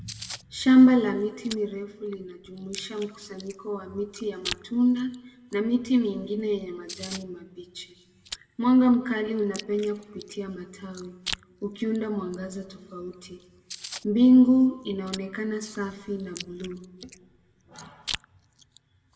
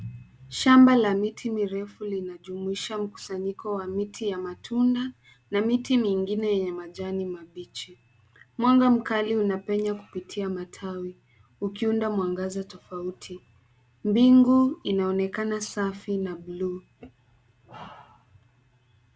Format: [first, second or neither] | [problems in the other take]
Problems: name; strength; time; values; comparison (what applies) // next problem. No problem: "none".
second | background sound (Chewing, mastication); 18 dB below the speech // room echo; dies away in 1 s